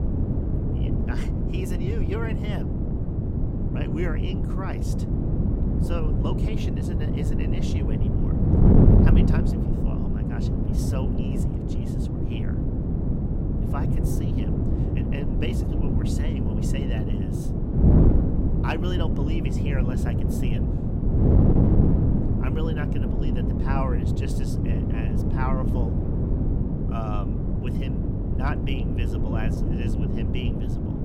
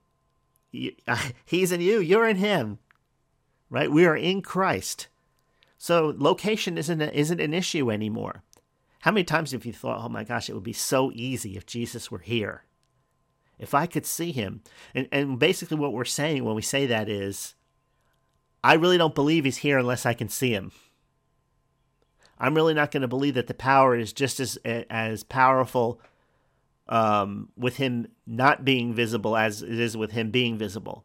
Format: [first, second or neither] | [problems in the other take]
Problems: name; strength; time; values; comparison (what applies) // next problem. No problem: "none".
second | wind noise on the microphone; heavy; 4 dB above the speech